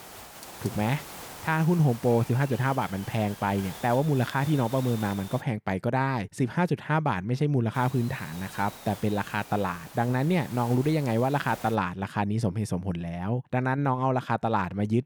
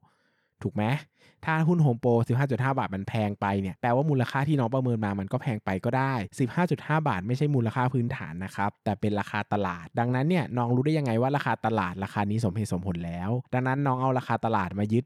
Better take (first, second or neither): second